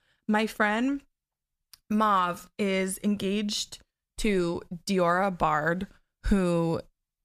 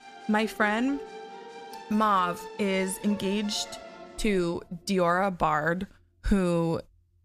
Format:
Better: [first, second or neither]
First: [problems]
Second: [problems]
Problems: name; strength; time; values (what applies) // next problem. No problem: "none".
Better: first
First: none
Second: background music; noticeable; throughout; 15 dB below the speech